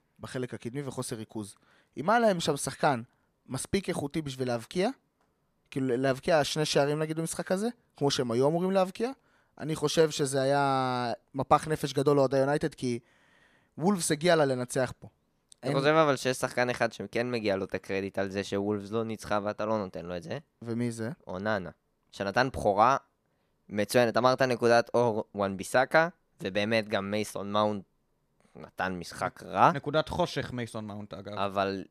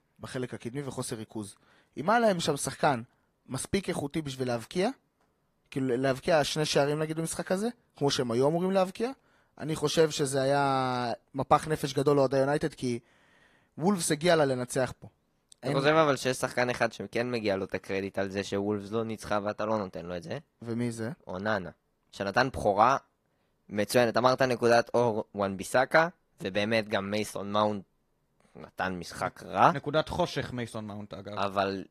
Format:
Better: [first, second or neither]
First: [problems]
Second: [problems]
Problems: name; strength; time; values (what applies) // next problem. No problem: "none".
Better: first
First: none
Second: garbled, watery; slightly